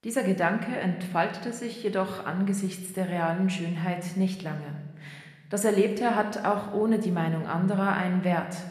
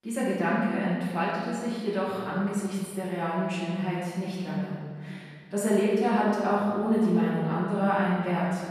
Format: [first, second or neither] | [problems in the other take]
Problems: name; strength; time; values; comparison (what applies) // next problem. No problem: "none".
first | room echo; strong; dies away in 1.8 s; slight in the first // off-mic speech; far